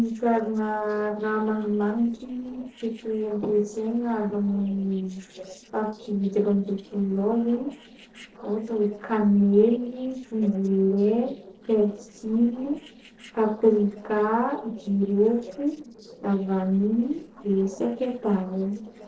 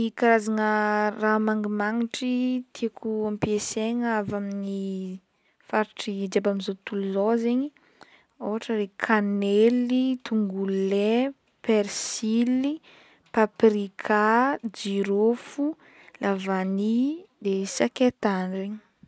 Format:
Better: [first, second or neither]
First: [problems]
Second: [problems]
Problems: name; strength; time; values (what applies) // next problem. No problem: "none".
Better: second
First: noise reduction (neural separator model SepFormer DNS4)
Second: none